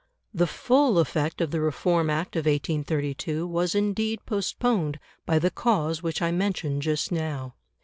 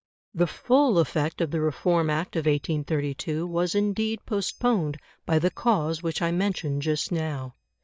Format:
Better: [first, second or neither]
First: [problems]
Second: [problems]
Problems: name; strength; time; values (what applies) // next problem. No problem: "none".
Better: first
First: none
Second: noise reduction (neural mask model DeepFilterNet 3)